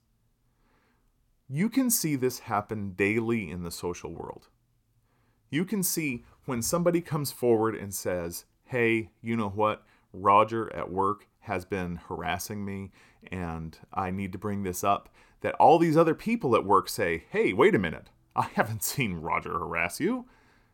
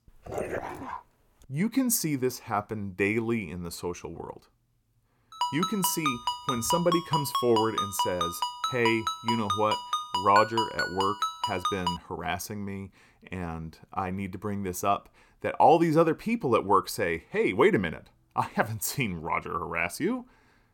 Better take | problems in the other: first | dog barking; noticeable; at 0.5 s; peak 5 dB below the speech // phone ringing; noticeable; from 5.5 to 12 s; peak 1 dB below the speech

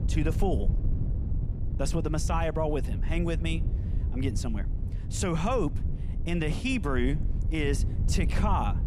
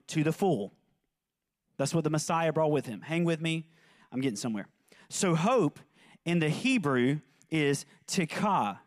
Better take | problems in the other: second | wind noise on the microphone; occasional gusts; 15 dB below the speech

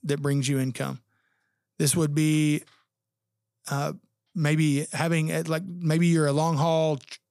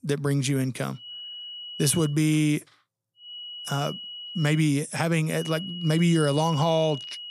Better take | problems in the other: first | high-pitched whine; noticeable; from 1 to 2 s, from 3.5 to 4.5 s and from 5.5 s on; 3 kHz, 10 dB below the speech

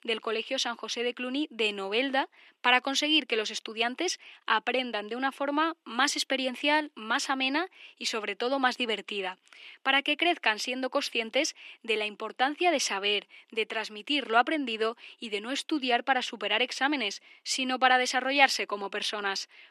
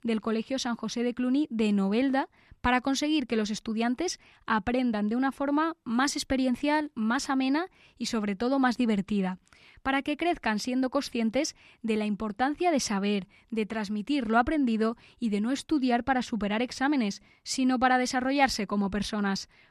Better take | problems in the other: second | thin; somewhat; fading below 300 Hz

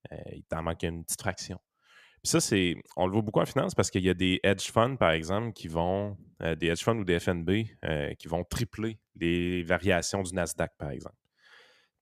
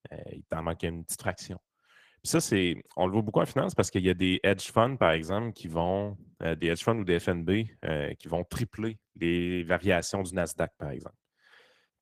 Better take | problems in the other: first | garbled, watery; slightly; nothing above 14.5 kHz

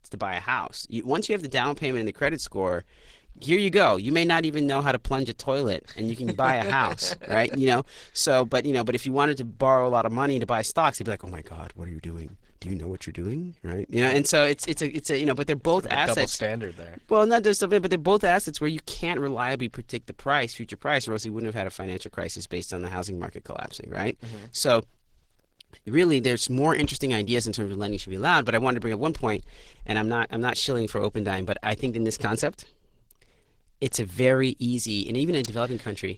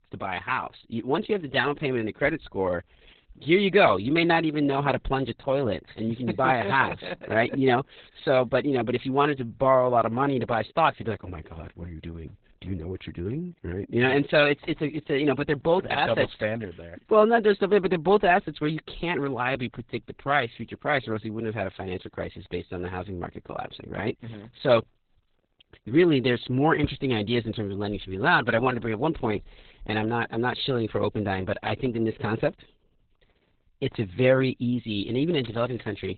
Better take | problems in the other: first | garbled, watery; badly; nothing above 4 kHz; slightly in the first

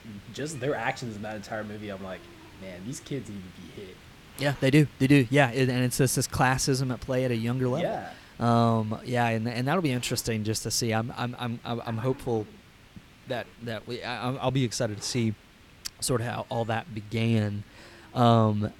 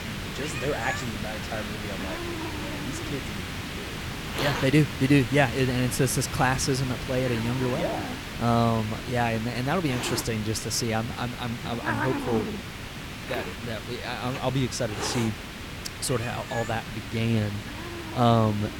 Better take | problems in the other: first | hiss; loud; throughout; 6 dB below the speech; faint in the first

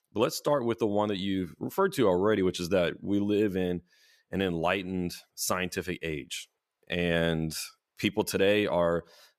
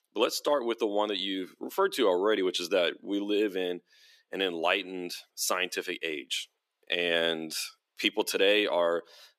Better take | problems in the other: first | thin; somewhat; fading below 300 Hz

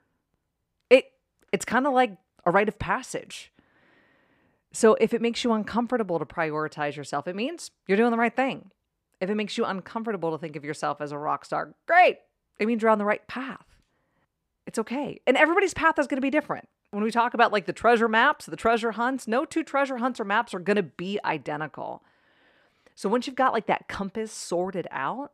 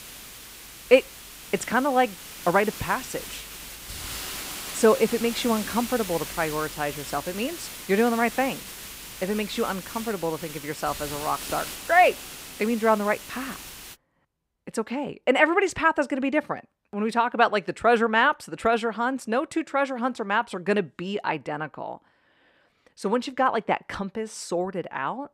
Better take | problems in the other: first | hiss; noticeable; until 14 s; 10 dB below the speech

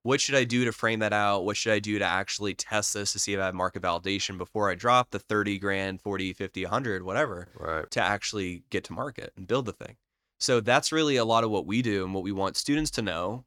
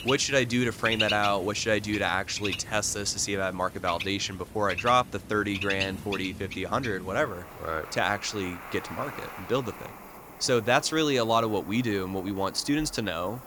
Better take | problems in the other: first | animal sounds; loud; throughout; 10 dB below the speech

